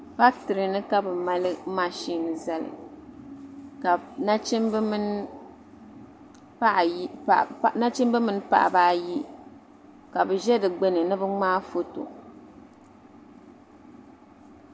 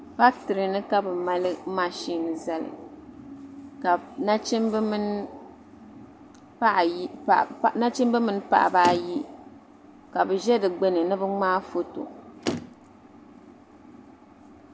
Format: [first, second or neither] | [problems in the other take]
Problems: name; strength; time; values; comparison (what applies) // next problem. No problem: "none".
first | background sound (Motor vehicle (road)); 9 dB below the speech